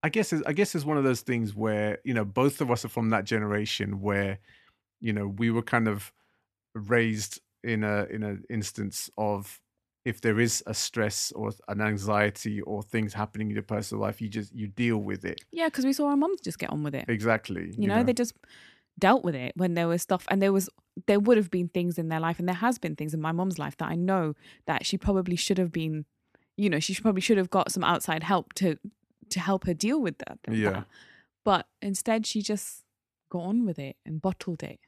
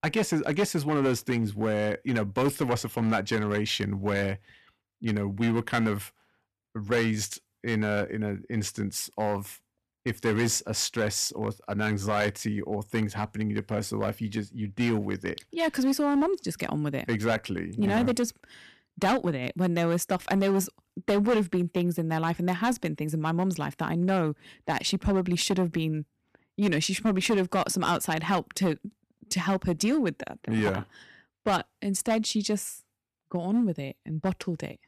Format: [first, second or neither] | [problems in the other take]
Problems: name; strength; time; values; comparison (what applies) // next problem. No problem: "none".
first | distortion; slight; 6% of the sound clipped